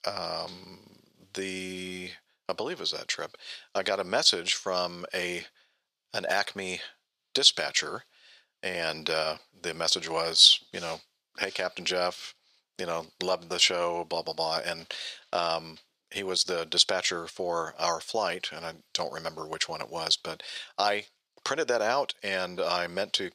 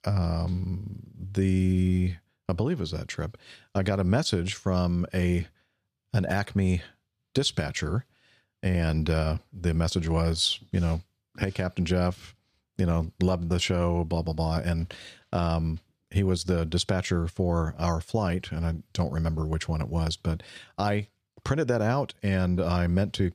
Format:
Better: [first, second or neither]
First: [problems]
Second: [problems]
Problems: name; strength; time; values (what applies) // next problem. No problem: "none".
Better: second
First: thin; very; fading below 600 Hz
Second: none